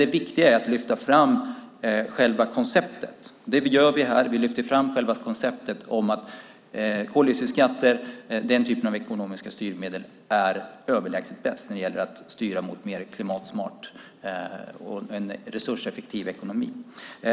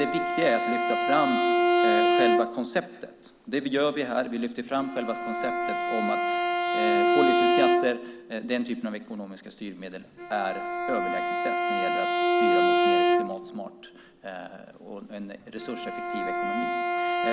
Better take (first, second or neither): first